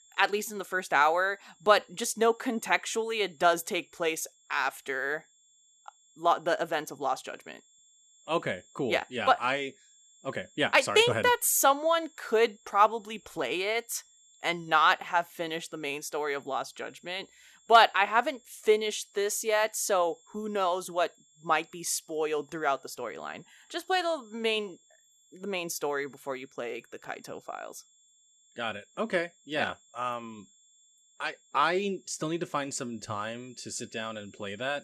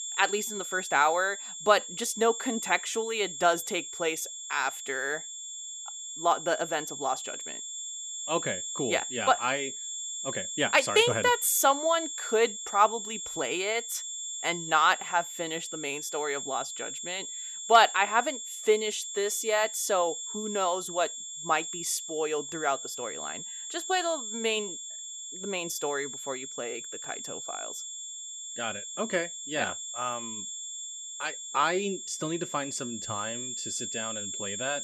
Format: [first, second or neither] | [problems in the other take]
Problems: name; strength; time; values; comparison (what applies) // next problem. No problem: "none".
first | high-pitched whine; loud; throughout; 7.5 kHz, 7 dB below the speech; faint in the first